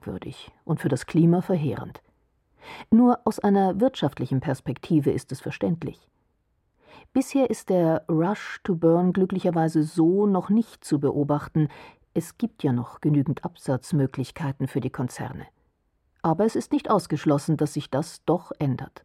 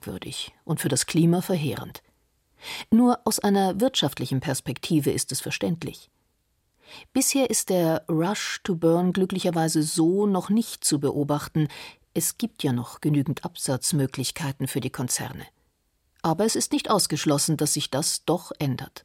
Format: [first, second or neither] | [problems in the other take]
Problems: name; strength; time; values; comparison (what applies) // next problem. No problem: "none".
second | muffled; very; fading above 2.5 kHz